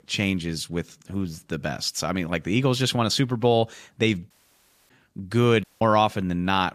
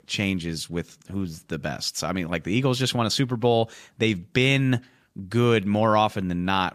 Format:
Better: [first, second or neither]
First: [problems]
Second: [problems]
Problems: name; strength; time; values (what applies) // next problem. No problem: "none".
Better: second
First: audio cutting out; at 4.5 s for 0.5 s and at 5.5 s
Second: none